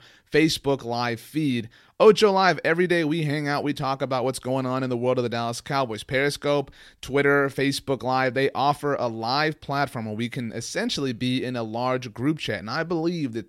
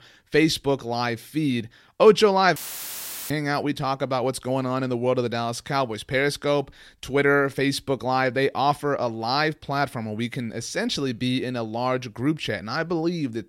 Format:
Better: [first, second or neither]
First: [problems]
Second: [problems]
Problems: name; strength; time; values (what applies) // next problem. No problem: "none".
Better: first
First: none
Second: audio cutting out; filled with static; at 2.5 s for 0.5 s